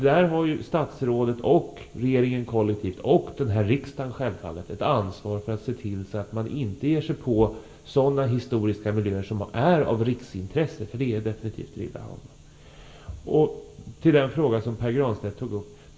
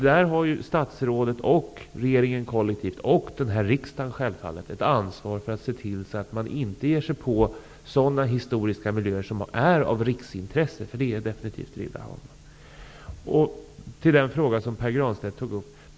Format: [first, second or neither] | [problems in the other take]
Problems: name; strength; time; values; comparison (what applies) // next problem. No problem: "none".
second | room echo; dies away in 0.7 s